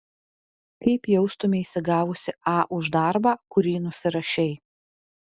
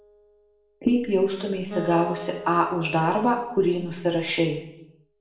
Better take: first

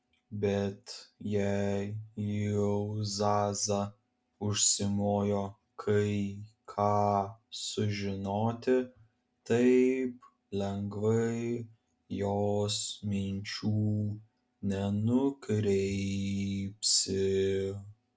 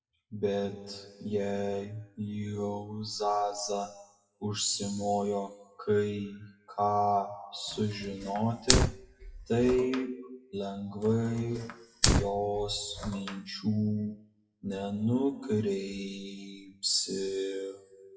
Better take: first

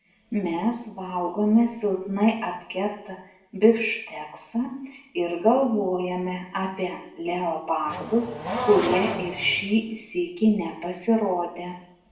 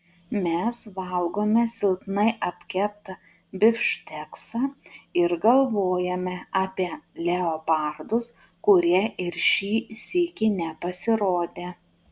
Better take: second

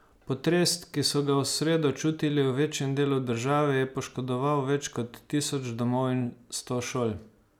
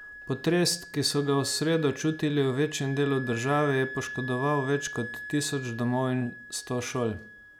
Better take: first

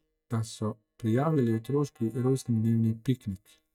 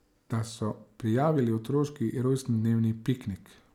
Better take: second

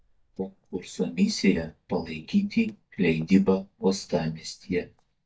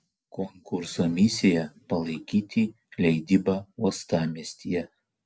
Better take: second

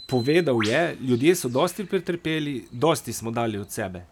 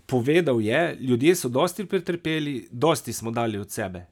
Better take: second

